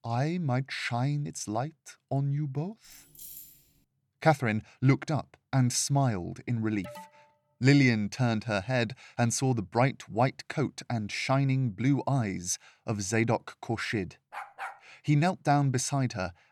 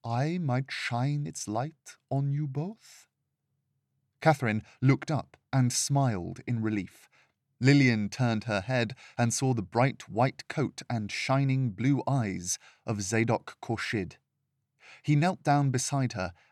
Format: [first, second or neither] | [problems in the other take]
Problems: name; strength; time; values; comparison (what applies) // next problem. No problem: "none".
second | jangling keys; faint; at 3 s; peak 15 dB below the speech // alarm; faint; at 7 s; peak 20 dB below the speech // dog barking; faint; at 14 s; peak 10 dB below the speech